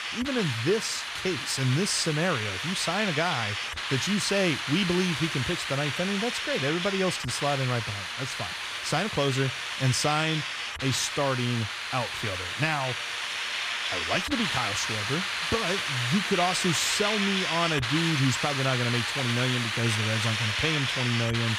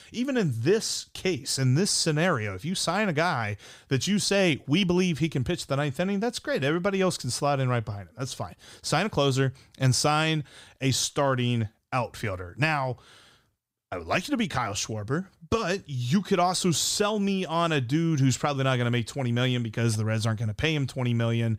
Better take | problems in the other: second | hiss; loud; throughout; 1 dB below the speech

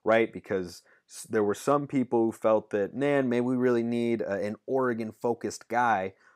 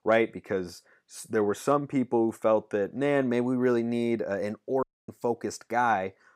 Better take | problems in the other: first | audio cutting out; at 5 s

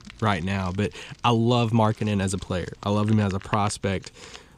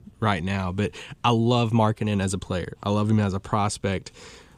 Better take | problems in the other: second | household noises; faint; throughout; 20 dB below the speech

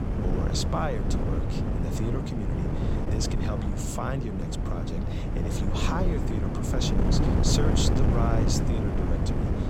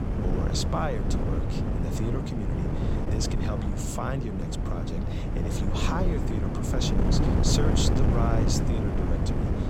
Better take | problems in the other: neither | wind noise on the microphone; heavy; as loud as the speech; the same in both

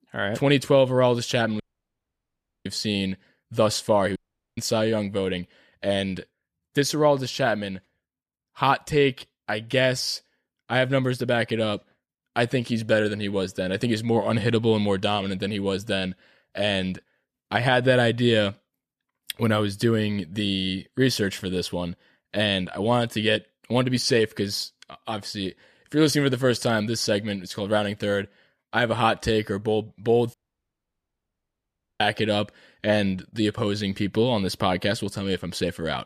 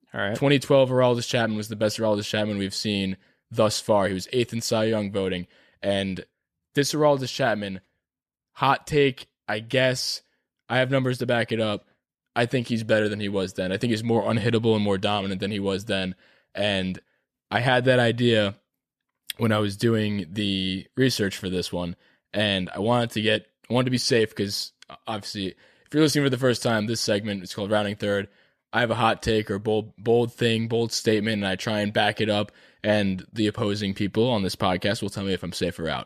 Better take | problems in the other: second | audio cutting out; at 1.5 s for 1 s, at 4 s and at 30 s for 1.5 s

